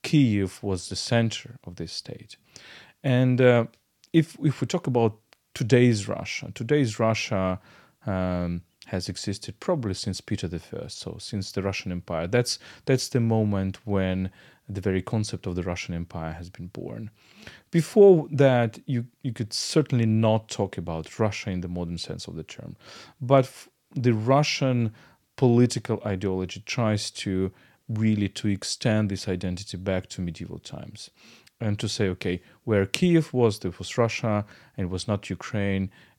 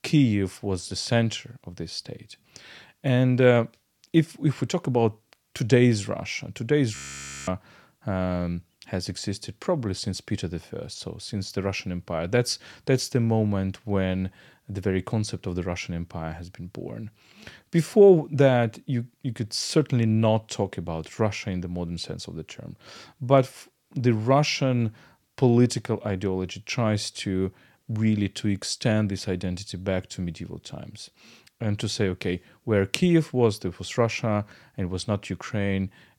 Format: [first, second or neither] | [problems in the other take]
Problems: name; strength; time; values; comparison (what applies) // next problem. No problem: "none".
first | audio freezing; at 7 s for 0.5 s